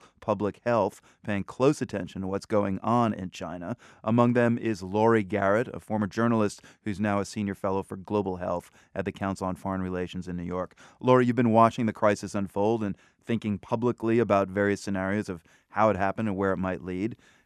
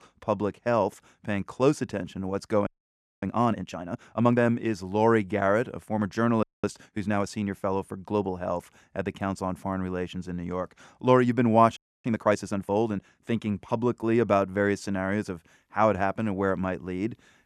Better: first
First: none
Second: audio freezing; at 2.5 s for 0.5 s, at 6.5 s and at 12 s

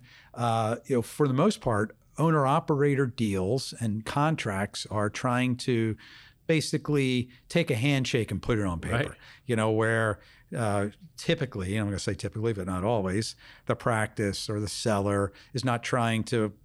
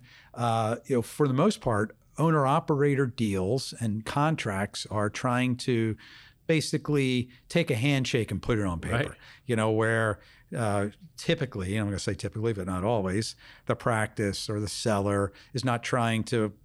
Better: neither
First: none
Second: none

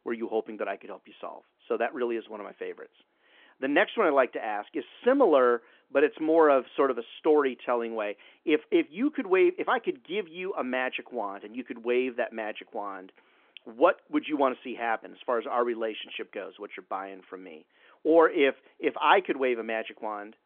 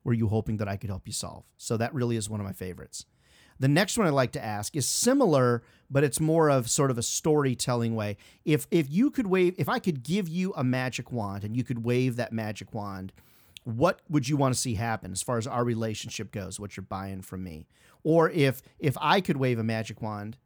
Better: second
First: phone-call audio; nothing above 3.5 kHz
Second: none

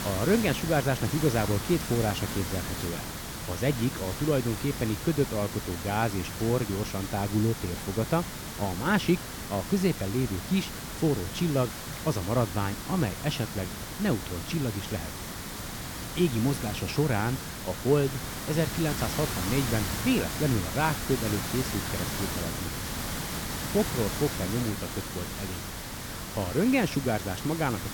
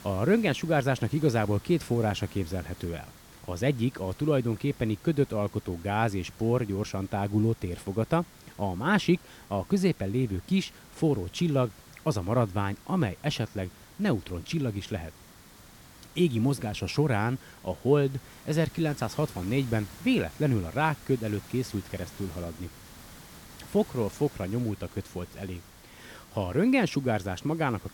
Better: second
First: hiss; loud; throughout; 5 dB below the speech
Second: hiss; faint; throughout; 20 dB below the speech

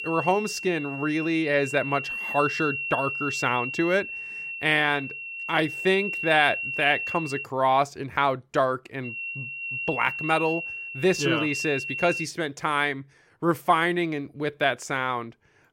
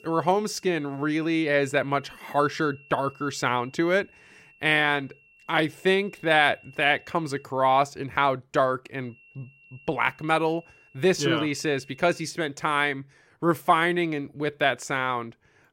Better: second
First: high-pitched whine; loud; until 7.5 s and from 9 to 12 s; 2.5 kHz, 5 dB below the speech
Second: high-pitched whine; faint; until 7.5 s and from 9 to 12 s; 2.5 kHz, 25 dB below the speech

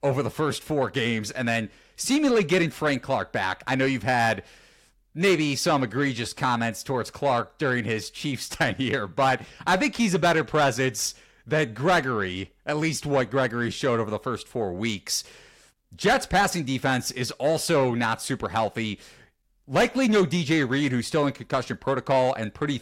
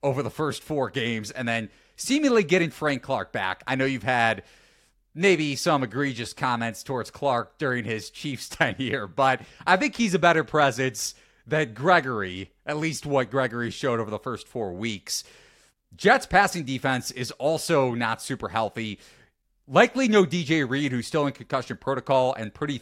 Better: second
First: distortion; slight; 10 dB below the speech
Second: none

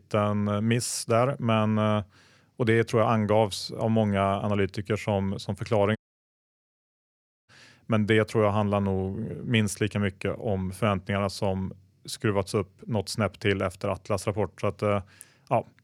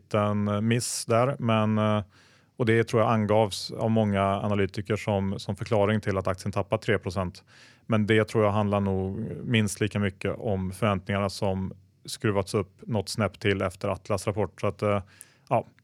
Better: second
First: audio cutting out; at 6 s for 1.5 s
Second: none

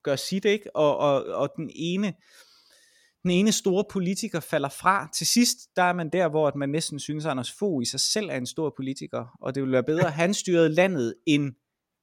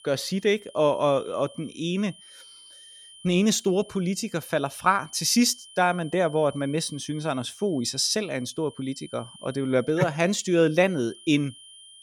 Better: first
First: none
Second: high-pitched whine; faint; throughout; 3 kHz, 20 dB below the speech

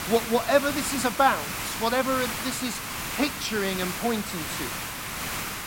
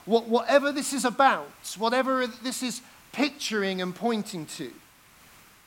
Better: second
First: hiss; loud; throughout; 5 dB below the speech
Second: hiss; faint; throughout; 25 dB below the speech

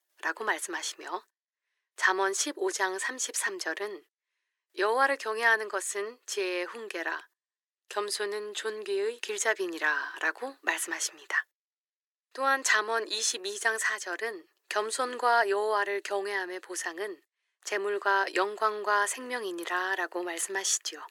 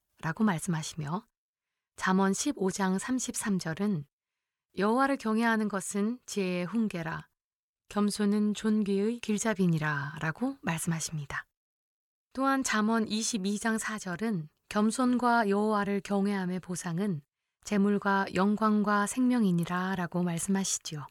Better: second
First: thin; very; fading below 350 Hz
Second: none

